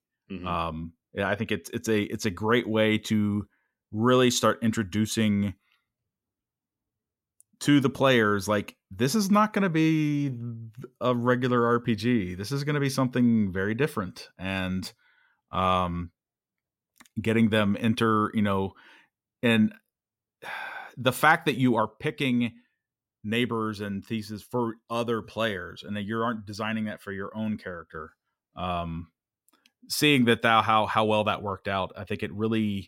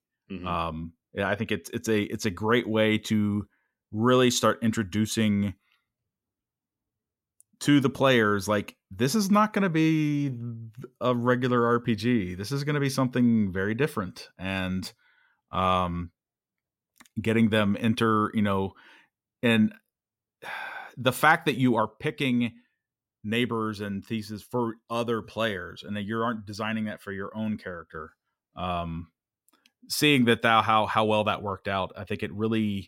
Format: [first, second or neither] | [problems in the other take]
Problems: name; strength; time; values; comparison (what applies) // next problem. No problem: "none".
neither | none